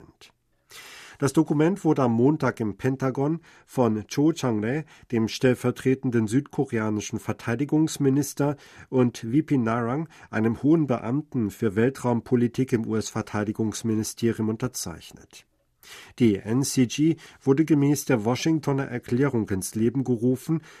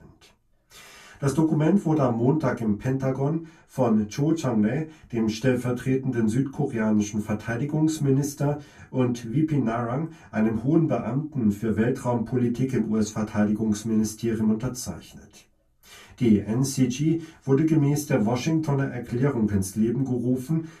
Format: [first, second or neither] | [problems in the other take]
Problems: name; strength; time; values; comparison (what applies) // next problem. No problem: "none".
first | off-mic speech; far // room echo; very slight; dies away in 0.2 s